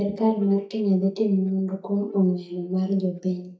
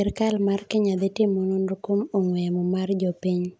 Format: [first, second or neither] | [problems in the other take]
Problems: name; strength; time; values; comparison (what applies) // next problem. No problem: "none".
second | noise reduction (neural mask model DeepFilterNet 3)